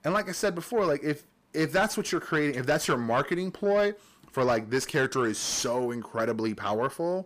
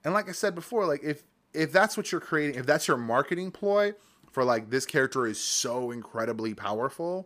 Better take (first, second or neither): second